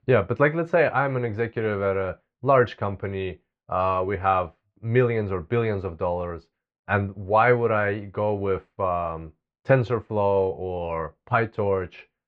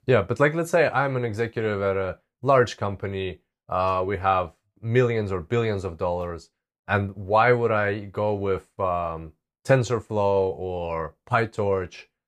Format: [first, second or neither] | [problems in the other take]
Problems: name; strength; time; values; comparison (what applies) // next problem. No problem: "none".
second | muffled; slightly; fading above 3 kHz